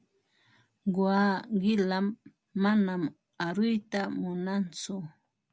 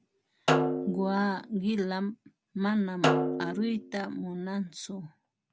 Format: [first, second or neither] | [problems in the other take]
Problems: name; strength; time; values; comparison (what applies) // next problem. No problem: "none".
first | background sound (Snare drum); as loud as the speech